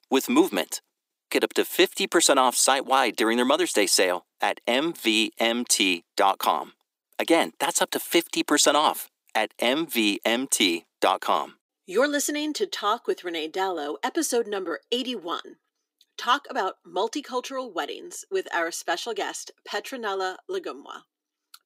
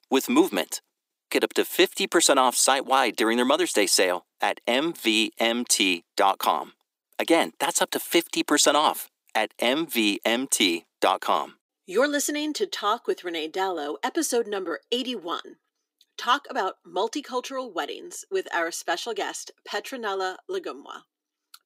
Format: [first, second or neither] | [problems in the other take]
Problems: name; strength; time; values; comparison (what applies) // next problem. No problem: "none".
neither | thin; somewhat; fading below 300 Hz; the same in both